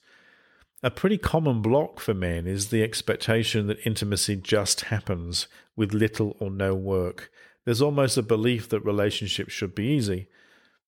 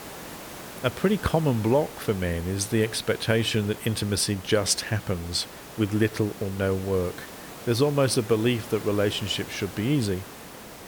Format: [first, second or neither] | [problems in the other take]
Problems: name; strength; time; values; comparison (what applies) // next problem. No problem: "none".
first | hiss; noticeable; throughout; 15 dB below the speech